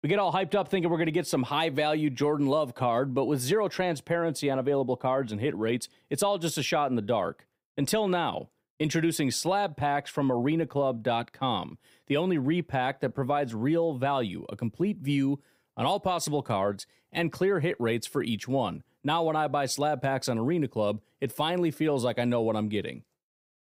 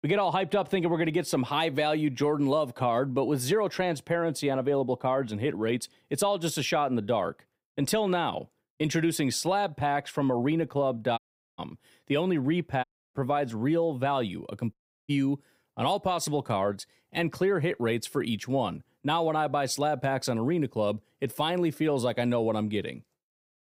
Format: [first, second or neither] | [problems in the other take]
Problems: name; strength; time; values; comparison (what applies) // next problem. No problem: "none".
first | audio cutting out; at 11 s, at 13 s and at 15 s